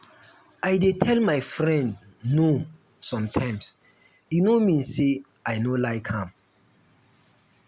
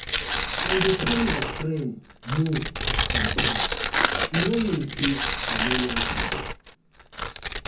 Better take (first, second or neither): first